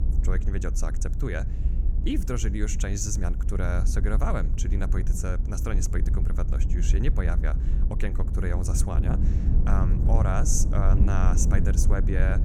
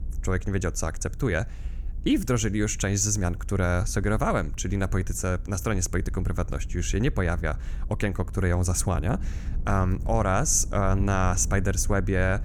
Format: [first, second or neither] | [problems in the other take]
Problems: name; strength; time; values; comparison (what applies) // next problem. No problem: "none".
second | low rumble; loud; throughout; 8 dB below the speech; faint in the second